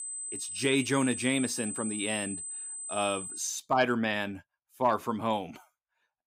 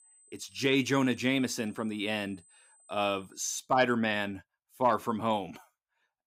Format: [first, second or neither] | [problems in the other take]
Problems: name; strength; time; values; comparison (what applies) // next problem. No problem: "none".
second | high-pitched whine; loud; until 3.5 s; 8 kHz, 6 dB below the speech; faint in the second